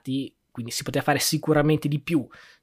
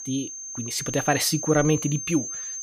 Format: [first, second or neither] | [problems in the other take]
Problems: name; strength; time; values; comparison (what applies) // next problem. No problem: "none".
first | high-pitched whine; loud; throughout; 6.5 kHz, 6 dB below the speech